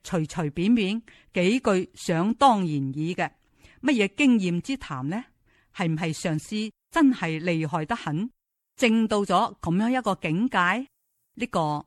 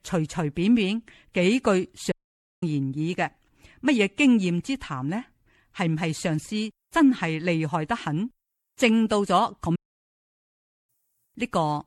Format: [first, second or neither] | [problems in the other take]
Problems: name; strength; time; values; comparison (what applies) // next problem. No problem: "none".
first | audio cutting out; at 2 s for 0.5 s and at 10 s for 1 s